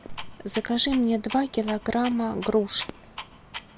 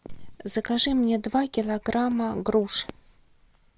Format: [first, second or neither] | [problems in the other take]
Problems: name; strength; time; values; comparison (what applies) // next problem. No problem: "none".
second | background sound (Clock); 15 dB below the speech